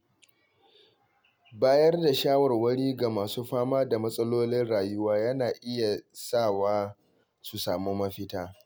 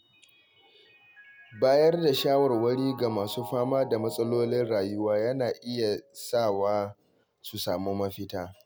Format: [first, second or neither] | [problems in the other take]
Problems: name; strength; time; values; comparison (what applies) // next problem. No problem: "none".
first | background sound (Mallet percussion); 18 dB below the speech